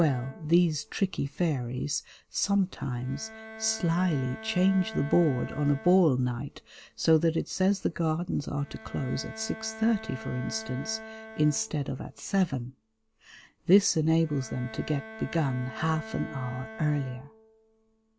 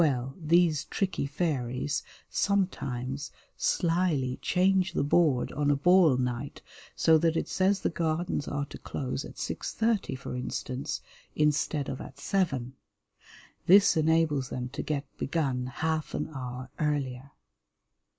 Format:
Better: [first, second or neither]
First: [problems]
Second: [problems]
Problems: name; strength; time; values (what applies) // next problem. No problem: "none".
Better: second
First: background sound (Bowed string instrument); 17 dB below the speech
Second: none